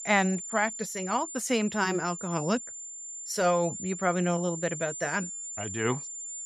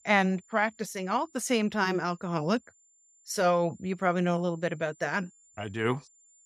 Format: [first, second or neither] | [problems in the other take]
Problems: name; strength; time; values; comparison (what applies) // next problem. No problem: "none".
second | high-pitched whine; loud; throughout; 7 kHz, 7 dB below the speech; faint in the second